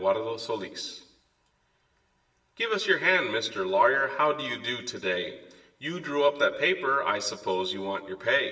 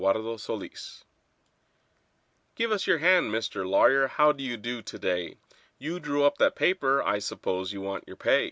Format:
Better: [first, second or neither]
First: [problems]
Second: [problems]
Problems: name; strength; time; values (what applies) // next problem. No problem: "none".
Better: second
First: room echo; dies away in 0.9 s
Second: none